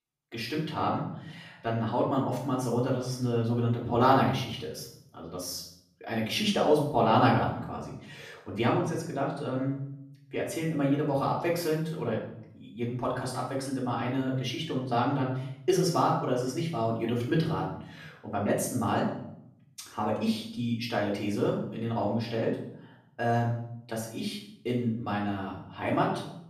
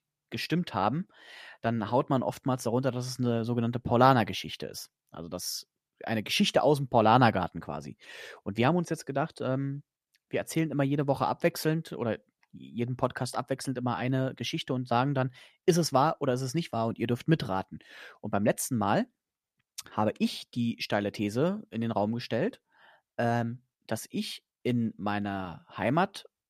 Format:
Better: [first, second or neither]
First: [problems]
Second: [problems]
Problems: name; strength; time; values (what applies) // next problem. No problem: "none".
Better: second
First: off-mic speech; far // room echo; noticeable; dies away in 0.6 s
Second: none